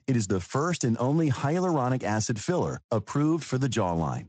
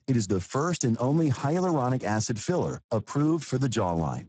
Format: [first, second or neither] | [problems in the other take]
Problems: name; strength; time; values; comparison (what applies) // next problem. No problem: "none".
first | garbled, watery; badly; nothing above 7.5 kHz; slightly in the first